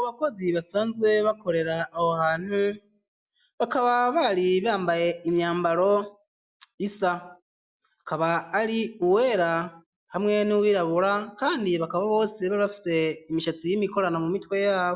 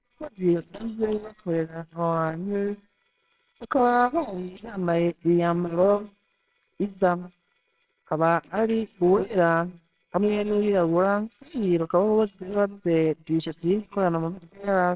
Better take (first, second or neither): first